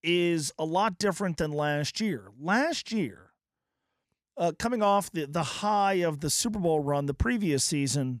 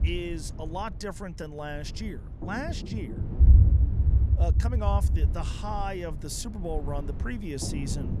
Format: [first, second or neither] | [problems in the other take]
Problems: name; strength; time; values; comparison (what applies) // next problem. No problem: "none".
first | low rumble; loud; throughout; 8 dB below the speech